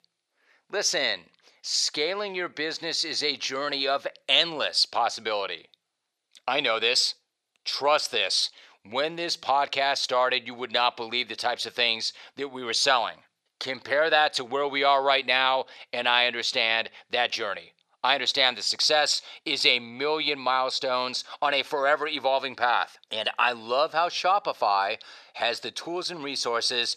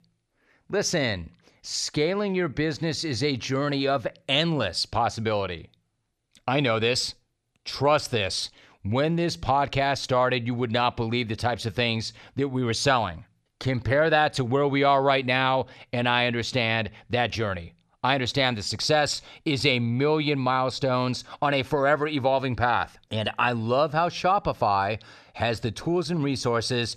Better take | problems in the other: second | thin; somewhat; fading below 500 Hz

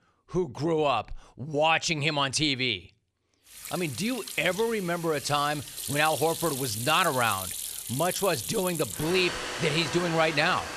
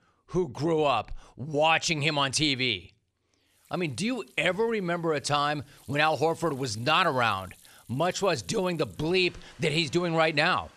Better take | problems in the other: second | household noises; loud; from 3.5 s on; 7 dB below the speech; faint in the second

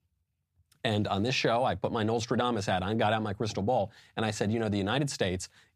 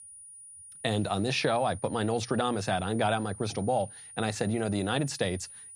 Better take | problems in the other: first | high-pitched whine; noticeable; throughout; 9.5 kHz, 15 dB below the speech

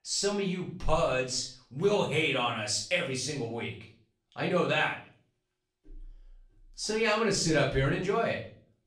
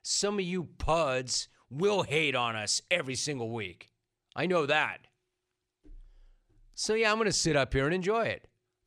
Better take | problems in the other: second | room echo; slight; dies away in 0.4 s // off-mic speech; far

